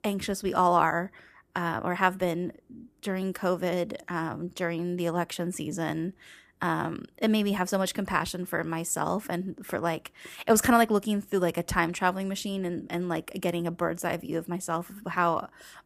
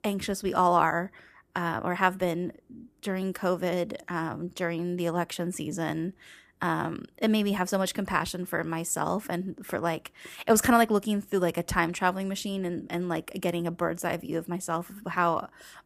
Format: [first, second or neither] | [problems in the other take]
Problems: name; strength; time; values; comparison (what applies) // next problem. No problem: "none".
neither | none